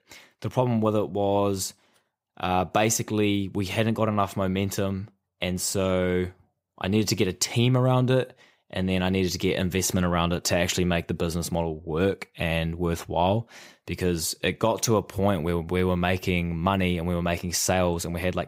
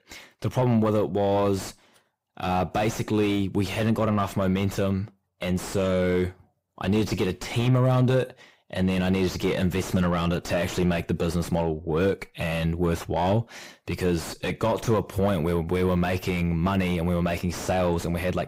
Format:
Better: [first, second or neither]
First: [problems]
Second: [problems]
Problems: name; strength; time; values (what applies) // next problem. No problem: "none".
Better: first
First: none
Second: distortion; heavy; 7 dB below the speech